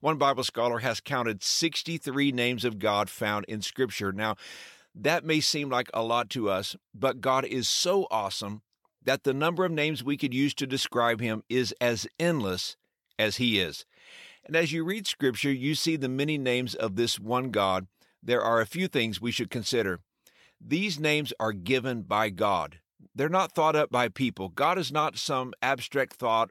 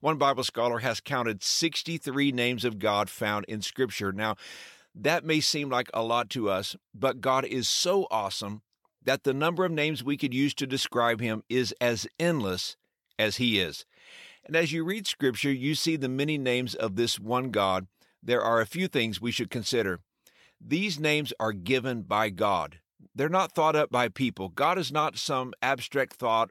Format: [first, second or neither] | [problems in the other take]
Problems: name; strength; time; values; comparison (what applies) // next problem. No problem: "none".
neither | none